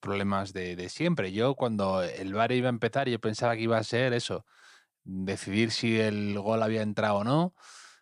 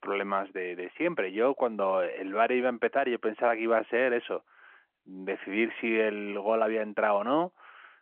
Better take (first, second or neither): first